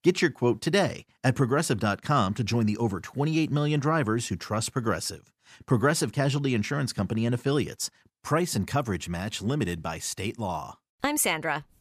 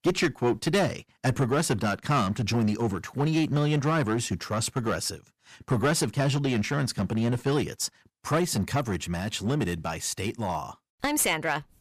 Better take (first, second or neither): first